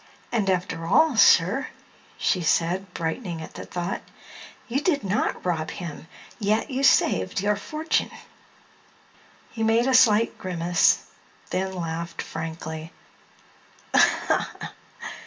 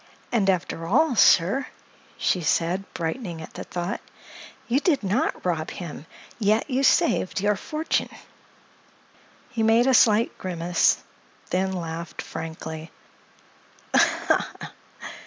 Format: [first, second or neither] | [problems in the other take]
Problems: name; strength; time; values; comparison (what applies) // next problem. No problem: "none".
second | room echo; dies away in 0.2 s